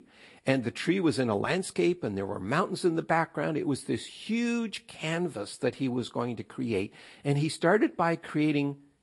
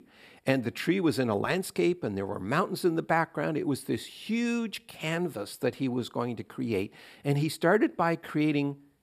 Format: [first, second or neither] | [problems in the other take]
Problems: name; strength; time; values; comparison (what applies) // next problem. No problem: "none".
second | garbled, watery; slightly; nothing above 11 kHz